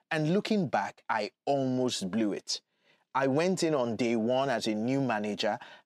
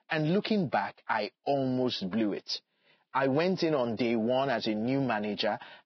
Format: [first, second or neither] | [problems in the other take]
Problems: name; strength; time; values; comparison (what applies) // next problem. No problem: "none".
first | garbled, watery; badly; nothing above 5.5 kHz